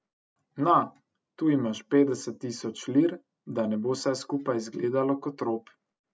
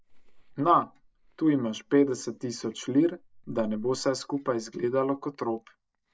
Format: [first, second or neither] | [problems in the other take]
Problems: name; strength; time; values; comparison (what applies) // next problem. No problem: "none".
first | noise reduction (neural mask model DeepFilterNet 3)